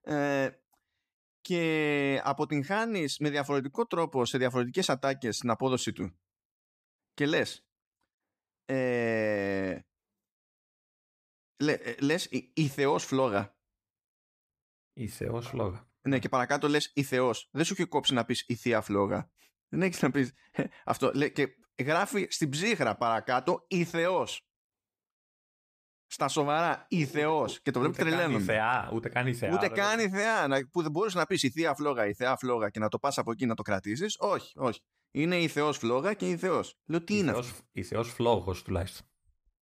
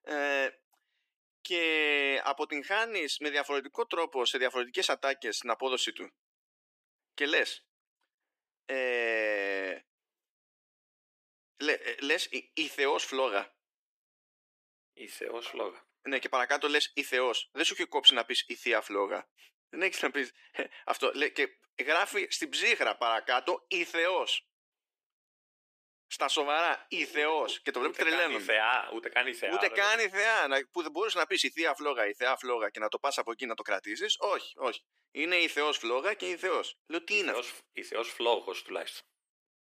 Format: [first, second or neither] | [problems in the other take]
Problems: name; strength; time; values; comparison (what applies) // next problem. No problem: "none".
first | thin; somewhat; fading below 350 Hz